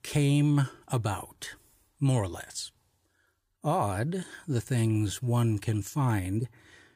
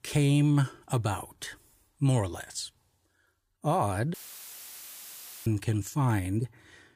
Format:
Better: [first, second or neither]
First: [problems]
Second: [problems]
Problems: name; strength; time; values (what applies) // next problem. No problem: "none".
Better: first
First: none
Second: audio cutting out; filled with static; at 4 s for 1.5 s